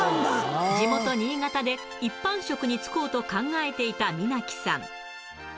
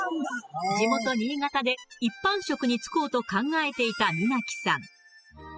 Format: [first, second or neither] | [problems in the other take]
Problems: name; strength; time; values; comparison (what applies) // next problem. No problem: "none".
first | noise reduction (classical method spectral subtraction)